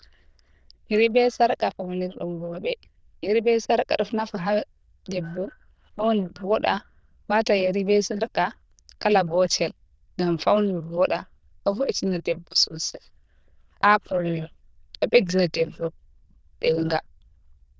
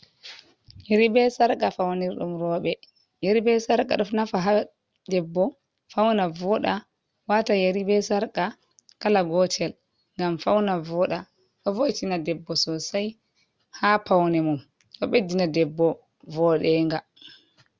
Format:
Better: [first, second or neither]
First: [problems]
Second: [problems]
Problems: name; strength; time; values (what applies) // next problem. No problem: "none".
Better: second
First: noise reduction (neural diffusion model UNIVERSE++)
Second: none